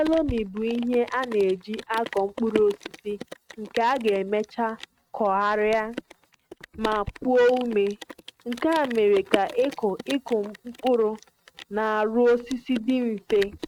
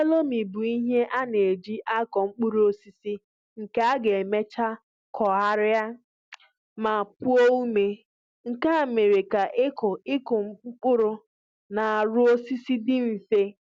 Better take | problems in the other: second | noise reduction (neural mask model RNNoise)

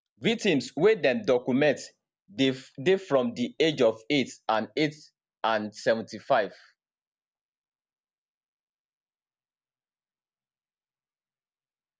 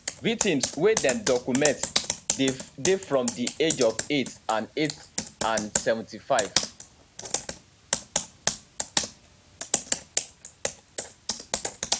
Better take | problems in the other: first | background sound (Computer keyboard); 3 dB below the speech

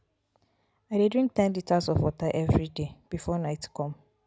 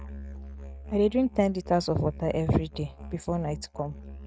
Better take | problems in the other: first | noise reduction (neural mask model RNNoise)

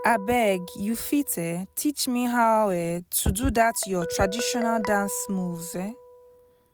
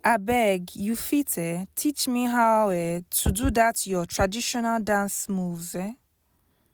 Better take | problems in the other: second | background sound (Guitar); 13 dB below the speech

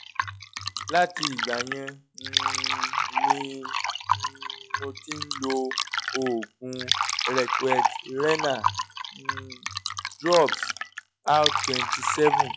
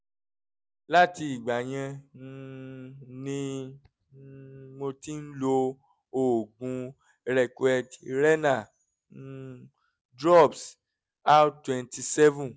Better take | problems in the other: second | noise reduction (classical method log-MMSE)

